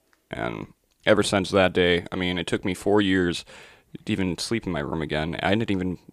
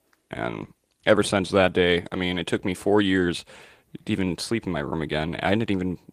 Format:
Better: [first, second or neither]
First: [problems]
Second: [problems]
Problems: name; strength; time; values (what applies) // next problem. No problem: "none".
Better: first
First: none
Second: garbled, watery; slightly; nothing above 15 kHz